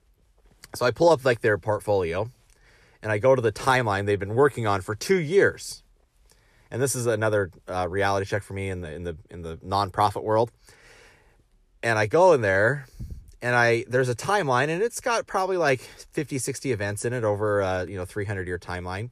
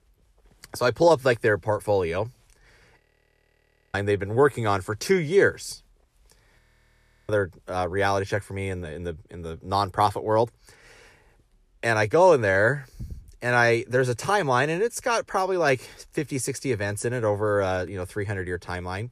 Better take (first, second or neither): first